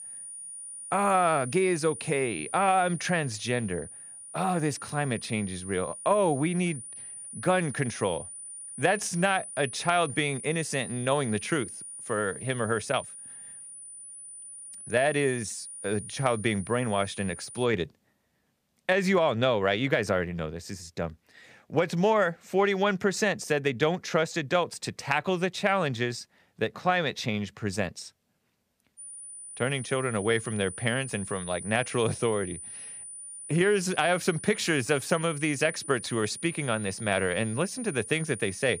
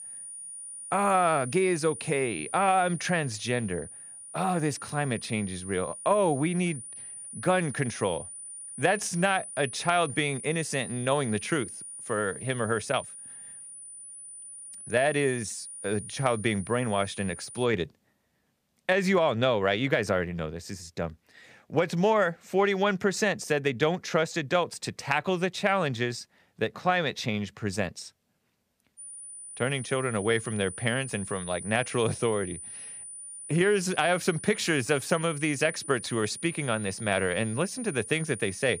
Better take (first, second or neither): neither